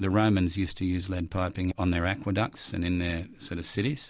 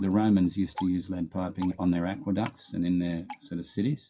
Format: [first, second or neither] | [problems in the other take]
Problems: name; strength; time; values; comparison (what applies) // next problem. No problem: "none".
first | noise reduction (classical method WPE with log-MMSE)